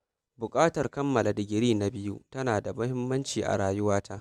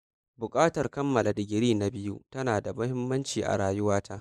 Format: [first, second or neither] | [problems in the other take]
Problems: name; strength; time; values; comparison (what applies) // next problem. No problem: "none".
first | noise reduction (neural mask model Resemble Enhance denoiser)